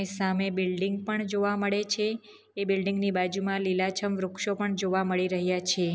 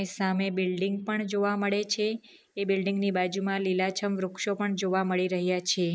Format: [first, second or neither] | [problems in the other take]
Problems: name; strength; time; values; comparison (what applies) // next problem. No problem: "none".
first | noise reduction (neural mask model Resemble Enhance denoiser)